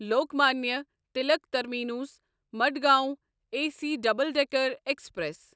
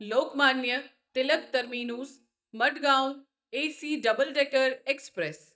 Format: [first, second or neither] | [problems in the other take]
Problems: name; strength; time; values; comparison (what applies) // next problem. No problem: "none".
first | noise reduction (neural mask model DeepFilterNet 3)